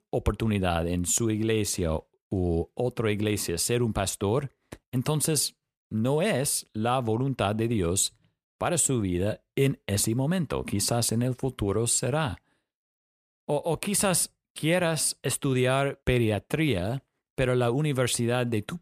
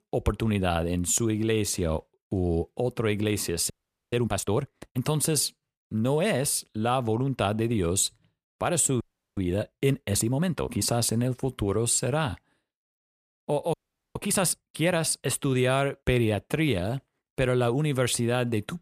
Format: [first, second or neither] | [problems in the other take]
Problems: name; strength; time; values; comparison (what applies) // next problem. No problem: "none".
first | audio freezing; at 3.5 s, at 9 s and at 14 s